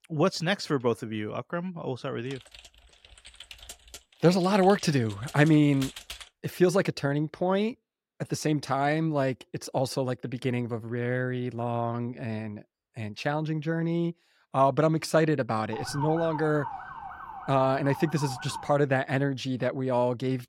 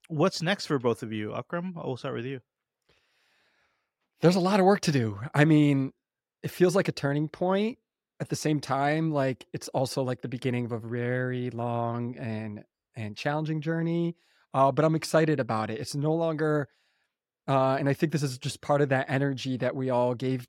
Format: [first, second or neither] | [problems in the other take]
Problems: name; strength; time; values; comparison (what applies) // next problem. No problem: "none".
second | keyboard typing; faint; from 2.5 to 6.5 s; peak 10 dB below the speech // siren; noticeable; from 16 to 19 s; peak 8 dB below the speech